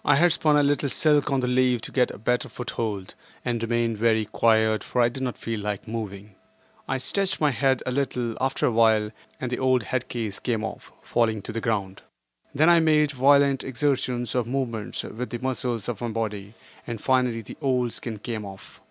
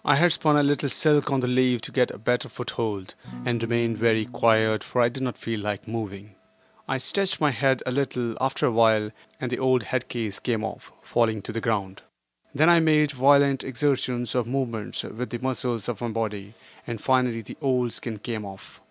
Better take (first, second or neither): first